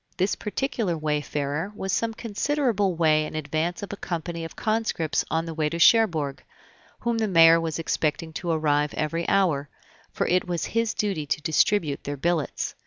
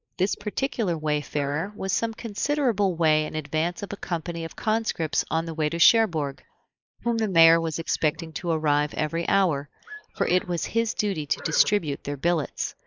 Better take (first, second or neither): first